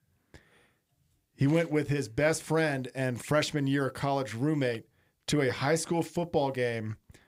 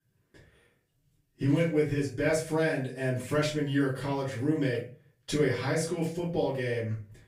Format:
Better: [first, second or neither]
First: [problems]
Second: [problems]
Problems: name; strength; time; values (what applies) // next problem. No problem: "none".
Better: first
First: none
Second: off-mic speech; far // room echo; slight; dies away in 0.3 s